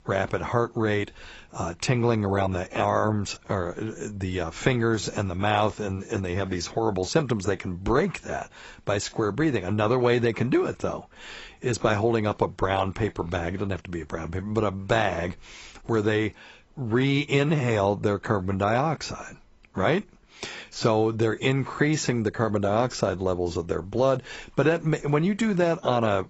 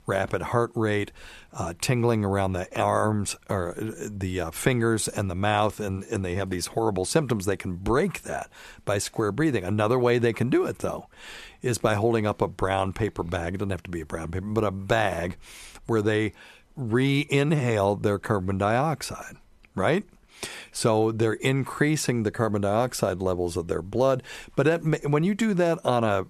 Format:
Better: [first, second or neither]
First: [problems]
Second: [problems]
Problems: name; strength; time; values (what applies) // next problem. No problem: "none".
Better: second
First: garbled, watery; badly; nothing above 8 kHz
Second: none